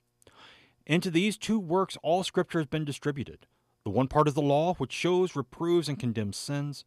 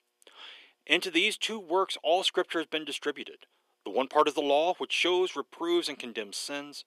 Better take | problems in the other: first | thin; somewhat; fading below 350 Hz

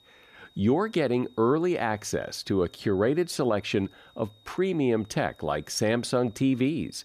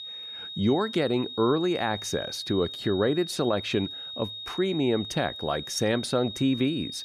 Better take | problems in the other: first | high-pitched whine; loud; throughout; 3.5 kHz, 9 dB below the speech; faint in the first

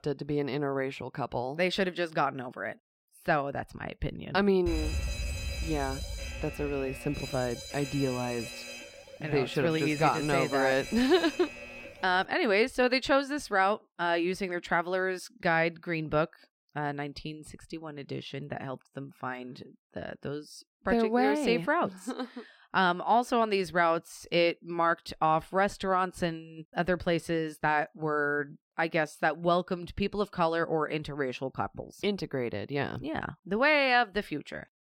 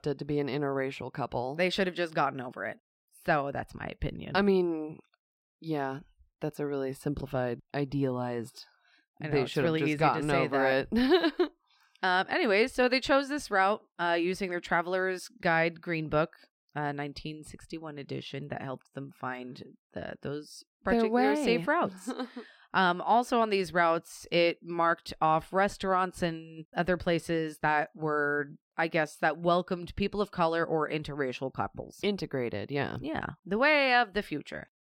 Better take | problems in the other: second | alarm; noticeable; from 4.5 to 12 s; peak 4 dB below the speech

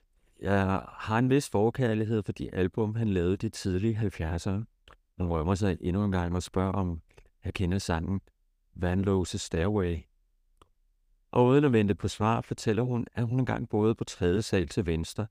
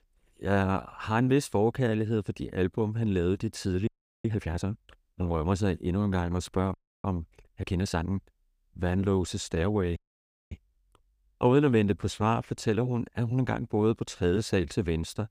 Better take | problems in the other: first | audio freezing; at 4 s, at 6.5 s and at 10 s for 0.5 s

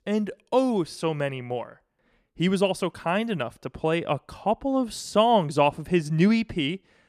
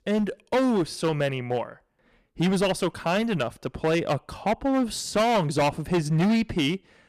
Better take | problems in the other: first | distortion; heavy; 14% of the sound clipped

